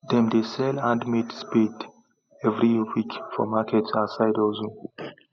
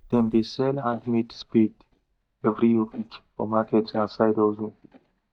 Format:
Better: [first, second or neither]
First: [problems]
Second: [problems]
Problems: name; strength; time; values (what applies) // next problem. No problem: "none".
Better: first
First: none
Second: noise reduction (neural mask model DeepFilterNet 3)